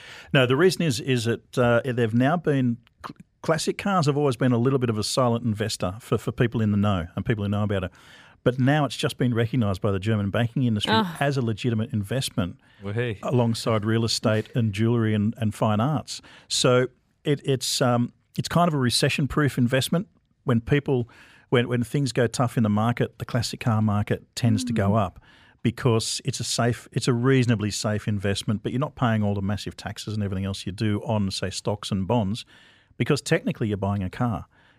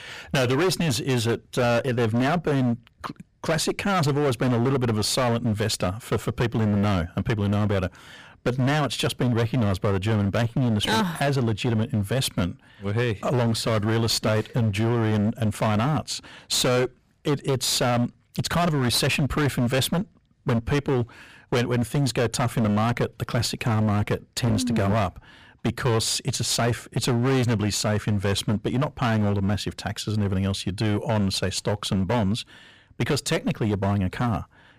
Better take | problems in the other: first | distortion; heavy; 23% of the sound clipped

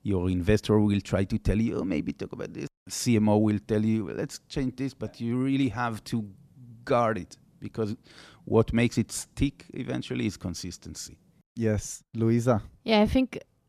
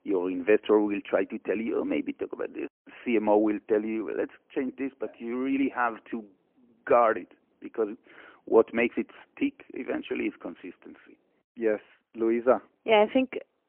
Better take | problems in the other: first | phone-call audio; poor line; nothing above 3 kHz

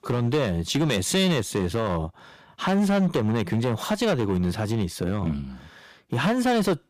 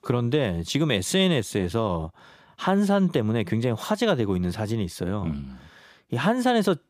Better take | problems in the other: second | distortion; slight; 11% of the sound clipped

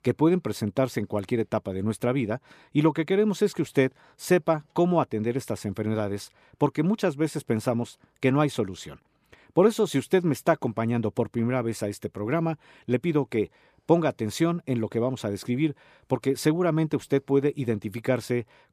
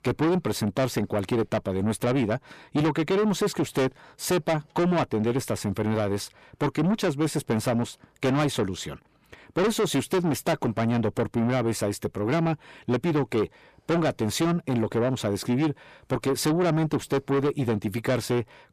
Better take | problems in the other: first | distortion; heavy; 6 dB below the speech

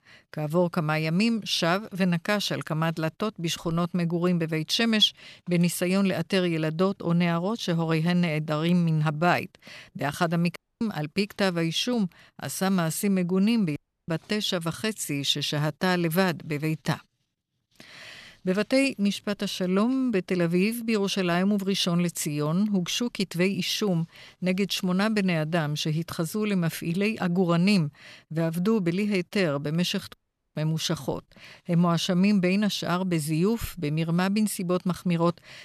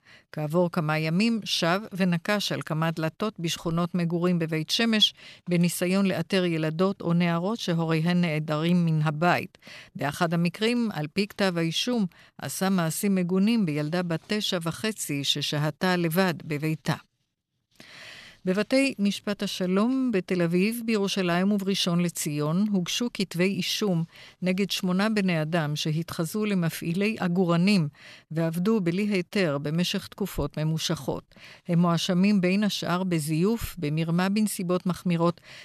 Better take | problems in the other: second | audio cutting out; at 11 s, at 14 s and at 30 s

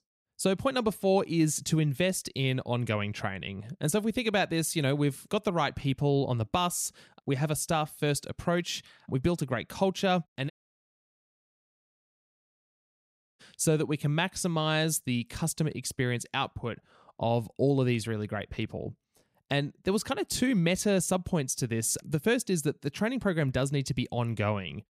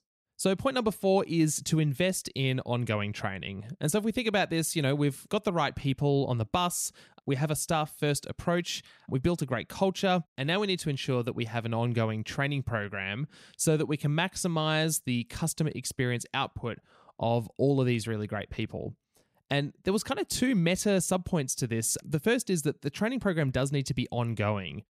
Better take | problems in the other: second | audio cutting out; at 11 s for 3 s

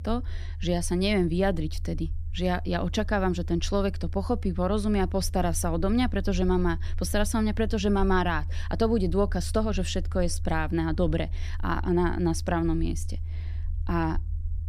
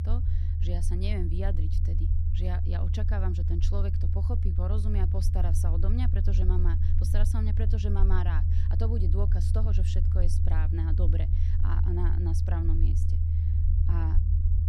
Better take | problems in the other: first | low rumble; loud; throughout; 3 dB below the speech; faint in the first

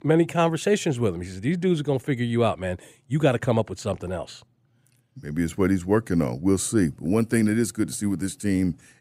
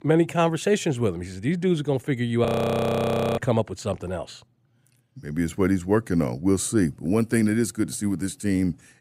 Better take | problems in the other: first | audio freezing; at 2.5 s for 1 s

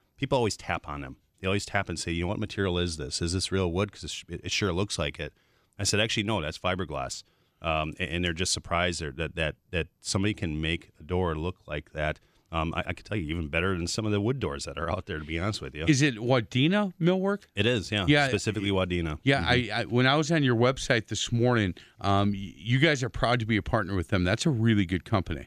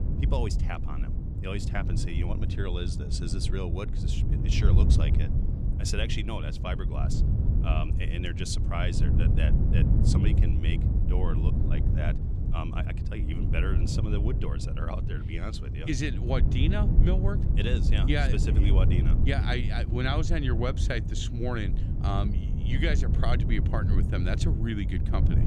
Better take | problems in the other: first | wind noise on the microphone; heavy; 5 dB below the speech

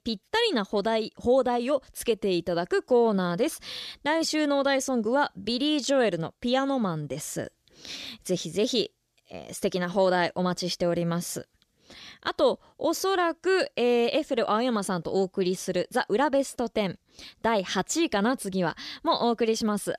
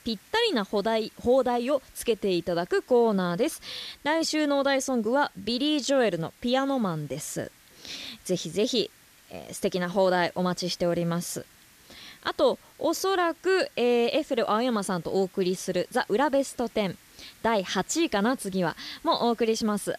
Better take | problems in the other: first | hiss; faint; throughout; 25 dB below the speech

